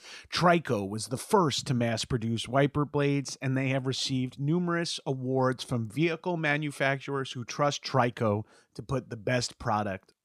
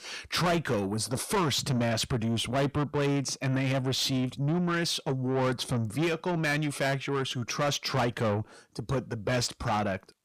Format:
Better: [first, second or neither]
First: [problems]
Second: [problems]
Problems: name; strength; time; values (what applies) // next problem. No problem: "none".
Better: first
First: none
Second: distortion; heavy; 7 dB below the speech